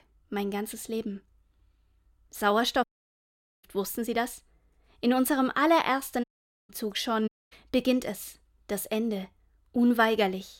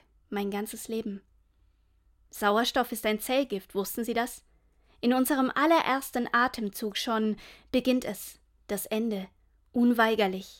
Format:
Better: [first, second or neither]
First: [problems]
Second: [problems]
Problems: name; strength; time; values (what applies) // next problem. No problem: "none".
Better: second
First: audio cutting out; at 3 s for 1 s, at 6 s and at 7.5 s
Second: none